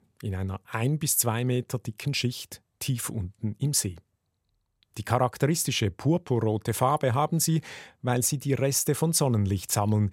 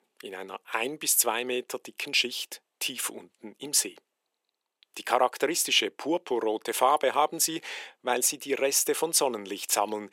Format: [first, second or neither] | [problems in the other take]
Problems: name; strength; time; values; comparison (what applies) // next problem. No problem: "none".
first | thin; very; fading below 350 Hz